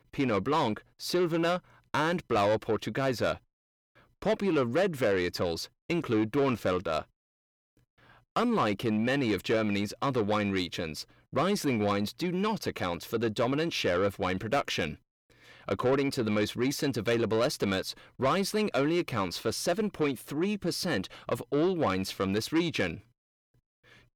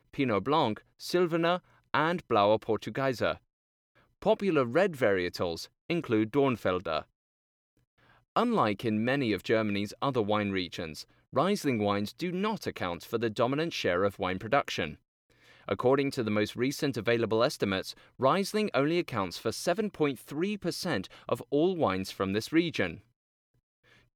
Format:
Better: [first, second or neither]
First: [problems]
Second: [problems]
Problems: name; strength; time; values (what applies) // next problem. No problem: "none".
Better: second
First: distortion; slight; 10 dB below the speech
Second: none